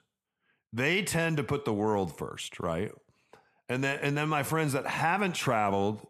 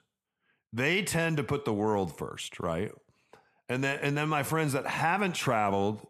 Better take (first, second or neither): neither